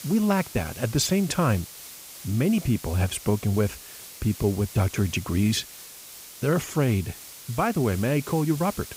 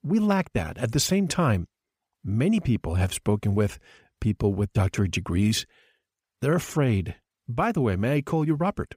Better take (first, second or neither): second